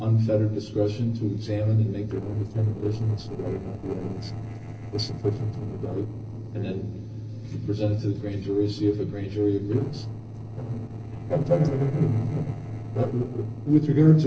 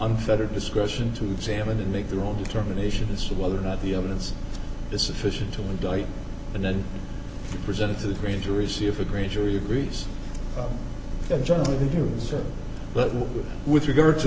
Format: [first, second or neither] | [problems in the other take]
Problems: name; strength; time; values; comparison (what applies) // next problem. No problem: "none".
second | noise reduction (neural separator model SepFormer DNS4)